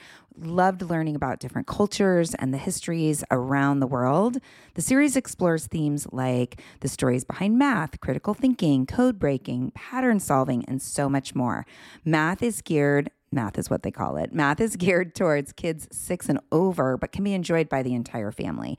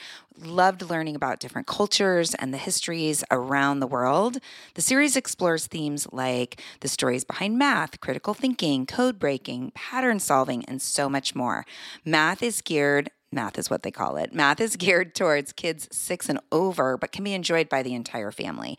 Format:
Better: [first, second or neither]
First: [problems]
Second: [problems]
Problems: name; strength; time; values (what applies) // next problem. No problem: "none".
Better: first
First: none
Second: thin; very slightly; fading below 950 Hz